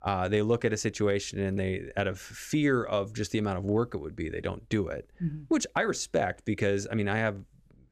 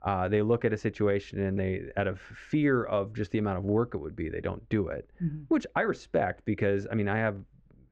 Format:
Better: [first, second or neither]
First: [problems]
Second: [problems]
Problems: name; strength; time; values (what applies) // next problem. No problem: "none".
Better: first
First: none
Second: muffled; very; fading above 2 kHz